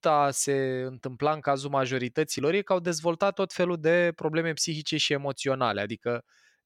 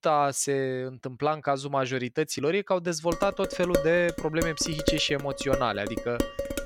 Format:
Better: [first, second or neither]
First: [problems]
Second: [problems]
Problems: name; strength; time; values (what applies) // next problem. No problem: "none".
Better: first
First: none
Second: clattering dishes; noticeable; from 3 s on; peak 2 dB below the speech